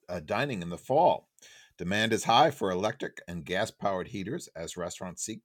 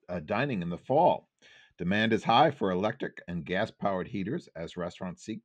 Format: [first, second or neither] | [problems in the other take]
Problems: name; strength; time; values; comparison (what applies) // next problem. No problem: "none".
first | muffled; slightly; fading above 3 kHz